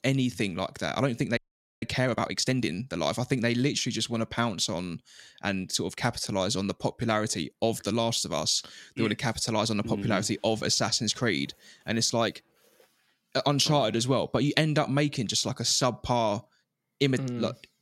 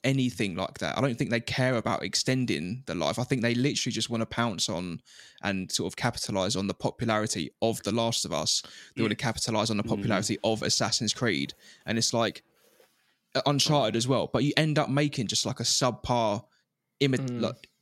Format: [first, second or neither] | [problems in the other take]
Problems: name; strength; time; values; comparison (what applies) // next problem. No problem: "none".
second | audio freezing; at 1.5 s